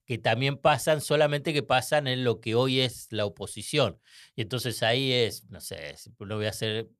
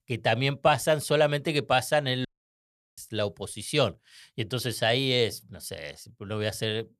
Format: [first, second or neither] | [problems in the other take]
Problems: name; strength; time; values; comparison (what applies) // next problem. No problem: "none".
first | audio cutting out; at 2.5 s for 0.5 s